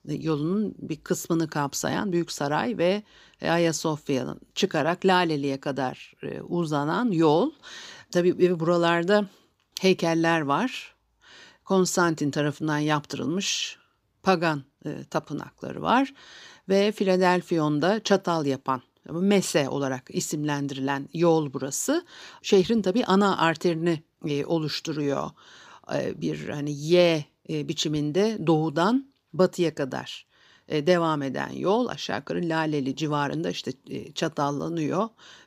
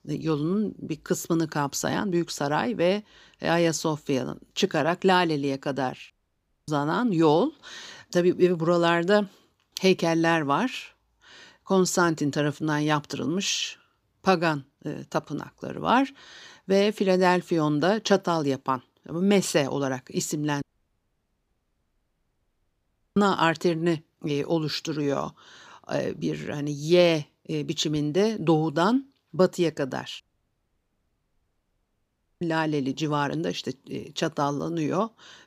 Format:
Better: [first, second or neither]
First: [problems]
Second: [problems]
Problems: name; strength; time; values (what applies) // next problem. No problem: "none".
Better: first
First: none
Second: audio cutting out; at 6 s for 0.5 s, at 21 s for 2.5 s and at 30 s for 2 s